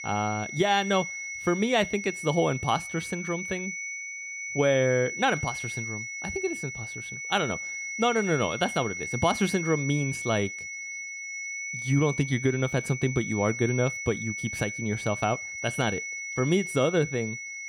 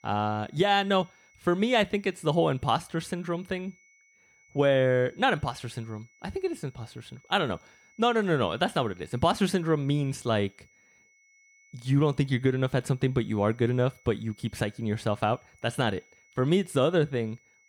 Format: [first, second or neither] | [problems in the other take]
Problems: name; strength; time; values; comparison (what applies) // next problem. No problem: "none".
second | high-pitched whine; loud; throughout; 2 kHz, 6 dB below the speech; faint in the second